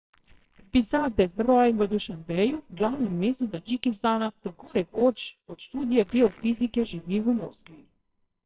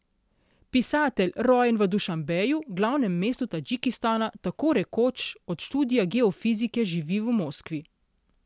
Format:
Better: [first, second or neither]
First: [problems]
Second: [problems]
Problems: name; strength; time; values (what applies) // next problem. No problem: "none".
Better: second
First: noise reduction (neural separator model SepFormer WHAMR!)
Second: none